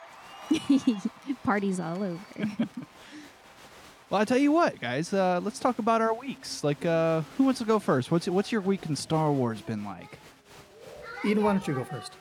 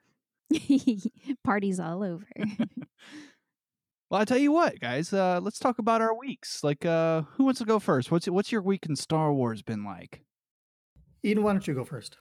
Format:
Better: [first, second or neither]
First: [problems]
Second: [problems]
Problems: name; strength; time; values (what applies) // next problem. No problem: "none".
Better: second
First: crowd noise; noticeable; throughout; 20 dB below the speech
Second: none